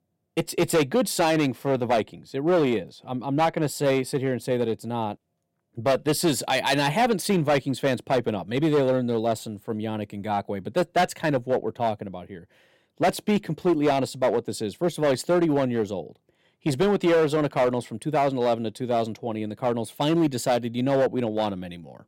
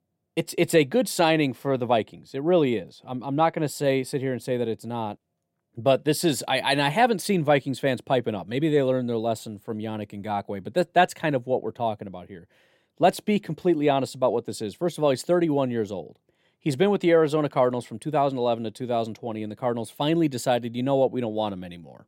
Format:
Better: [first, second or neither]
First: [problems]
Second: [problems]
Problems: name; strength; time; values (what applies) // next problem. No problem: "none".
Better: second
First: distortion; slight; 7% of the sound clipped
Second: none